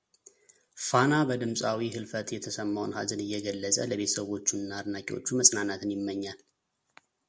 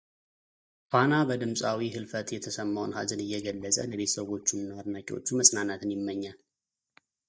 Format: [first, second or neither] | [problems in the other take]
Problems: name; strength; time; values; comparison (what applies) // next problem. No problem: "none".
first | noise reduction (neural mask model DeepFilterNet 3)